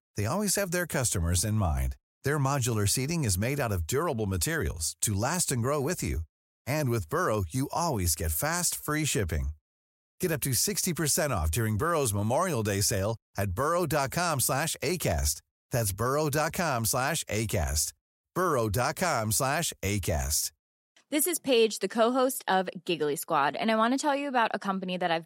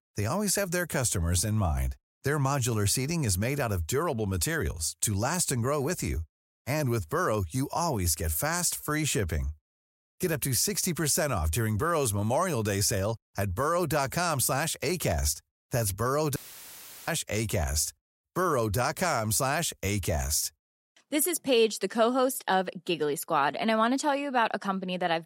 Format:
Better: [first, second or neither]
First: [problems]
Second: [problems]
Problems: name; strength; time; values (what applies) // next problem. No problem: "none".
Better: first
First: none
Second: audio cutting out; filled with static; at 16 s for 0.5 s